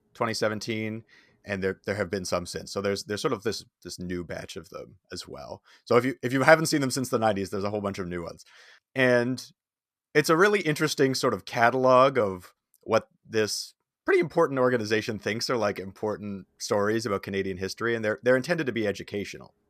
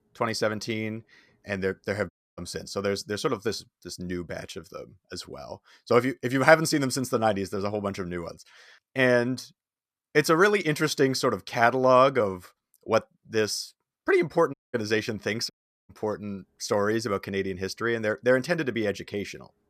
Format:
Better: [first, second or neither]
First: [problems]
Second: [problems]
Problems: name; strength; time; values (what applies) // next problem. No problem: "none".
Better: first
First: none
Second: audio cutting out; at 2 s, at 15 s and at 16 s